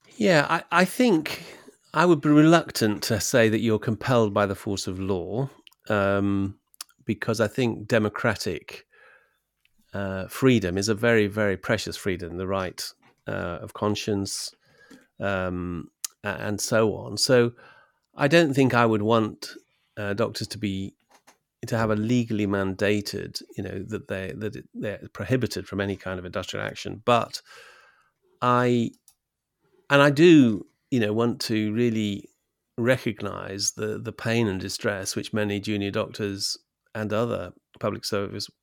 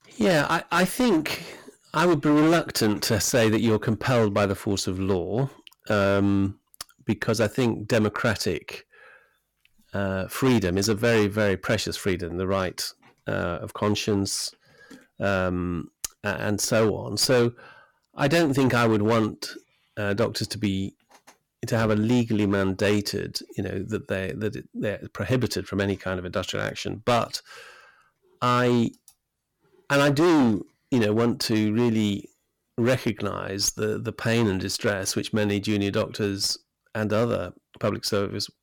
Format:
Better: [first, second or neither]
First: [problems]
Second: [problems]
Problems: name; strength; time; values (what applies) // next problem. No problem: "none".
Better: first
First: none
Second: distortion; heavy; 9% of the sound clipped